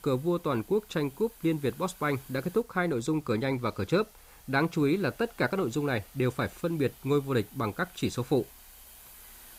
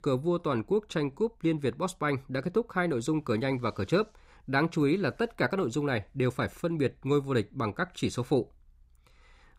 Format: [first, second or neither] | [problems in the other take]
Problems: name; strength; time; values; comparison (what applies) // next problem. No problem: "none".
second | hiss; faint; throughout; 20 dB below the speech